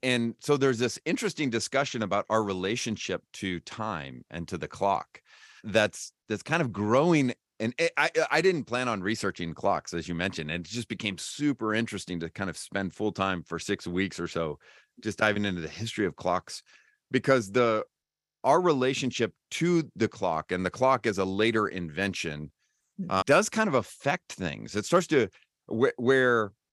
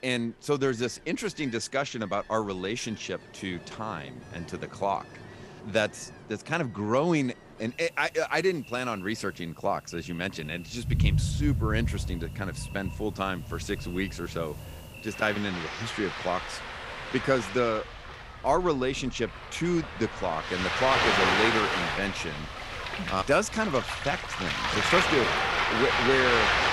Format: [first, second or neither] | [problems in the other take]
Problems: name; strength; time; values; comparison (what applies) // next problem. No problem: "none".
first | rain or running water; very loud; throughout; 1 dB above the speech